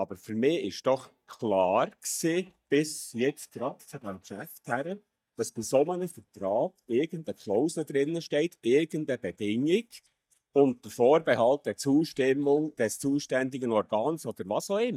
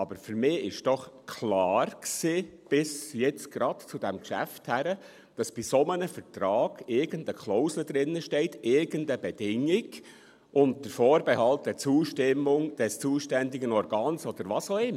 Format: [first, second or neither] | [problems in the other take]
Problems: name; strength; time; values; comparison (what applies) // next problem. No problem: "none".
second | noise reduction (neural mask model DeepFilterNet 3)